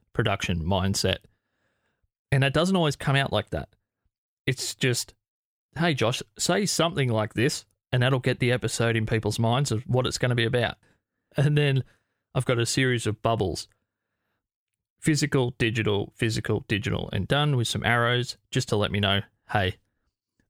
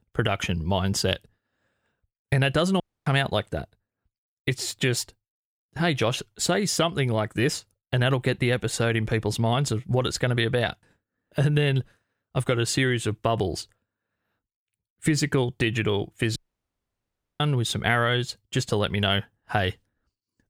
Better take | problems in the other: first | audio cutting out; at 3 s and at 16 s for 1 s

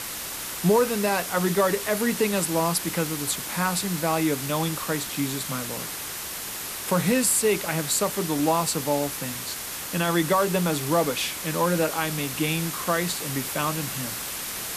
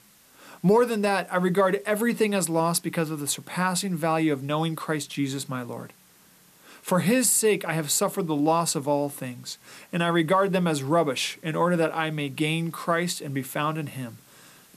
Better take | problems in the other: second | hiss; loud; throughout; 5 dB below the speech; faint in the second

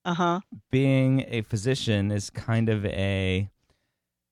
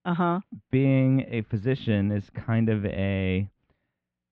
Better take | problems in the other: first | muffled; very; fading above 3 kHz

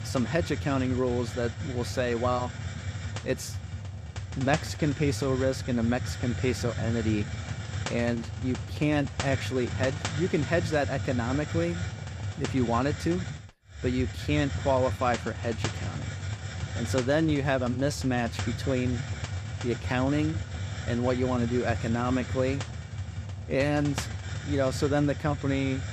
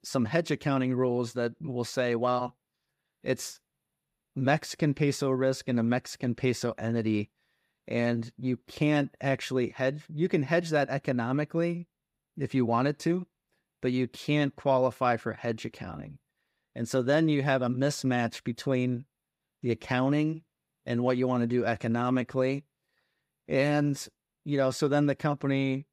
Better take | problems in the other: second | hiss; loud; throughout; 6 dB below the speech

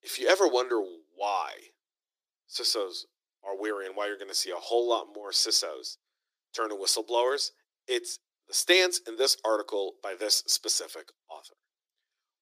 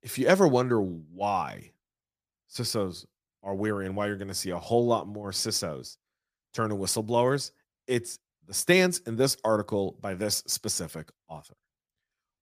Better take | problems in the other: second | thin; very; fading below 350 Hz

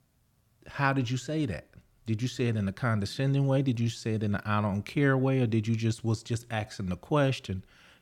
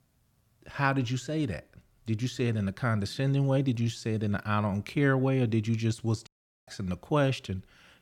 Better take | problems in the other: first | audio cutting out; at 6.5 s

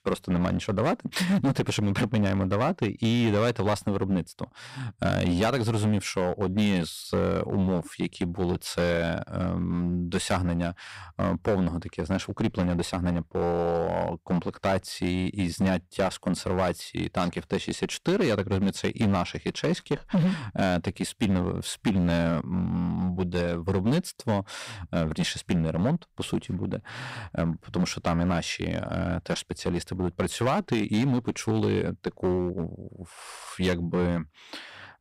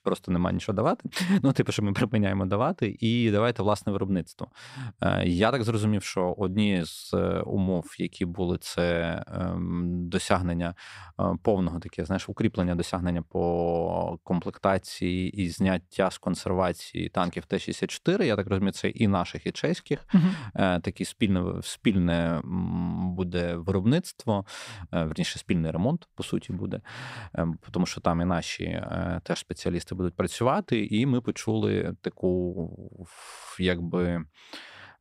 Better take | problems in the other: second | distortion; slight; 8% of the sound clipped

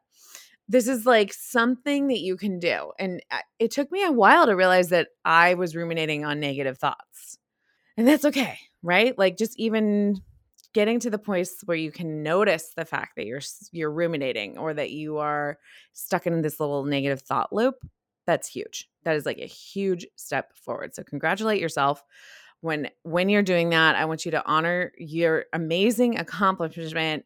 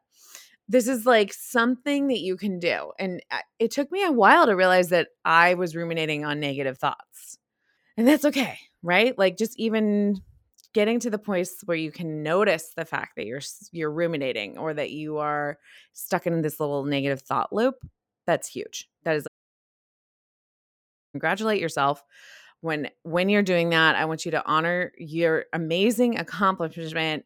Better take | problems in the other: first | audio cutting out; at 19 s for 2 s

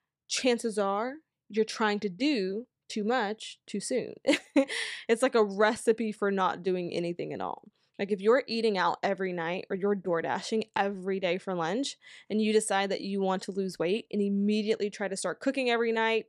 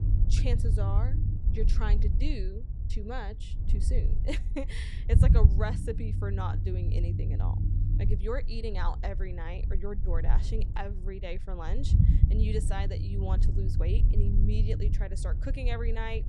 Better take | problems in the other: first | low rumble; loud; throughout; 5 dB below the speech

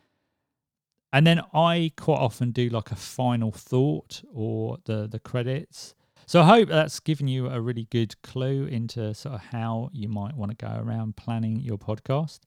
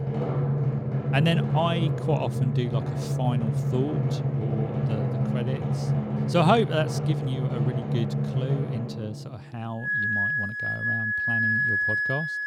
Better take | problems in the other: first | background music; very loud; throughout; 3 dB above the speech

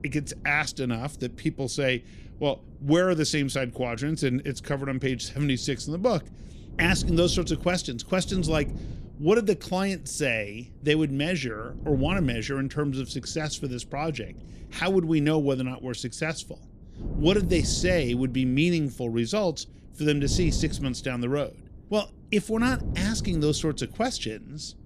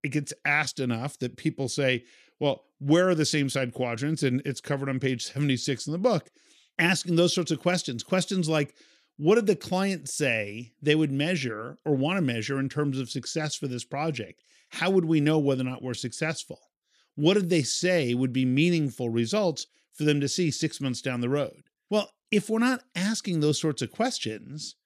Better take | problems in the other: second | wind noise on the microphone; occasional gusts; 20 dB below the speech

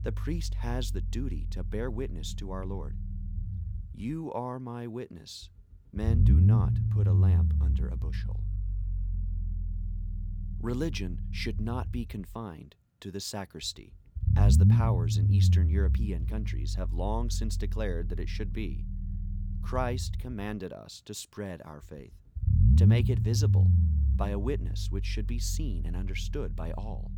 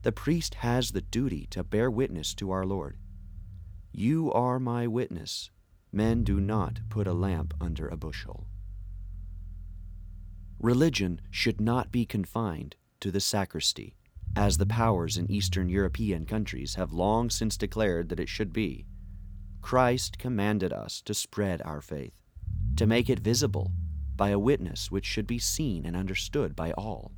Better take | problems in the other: second | low rumble; loud; throughout; 3 dB below the speech; faint in the second

